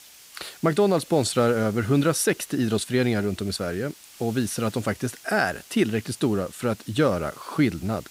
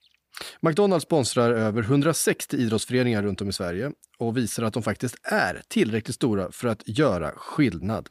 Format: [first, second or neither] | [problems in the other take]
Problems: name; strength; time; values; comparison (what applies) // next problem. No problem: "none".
second | hiss; faint; throughout; 20 dB below the speech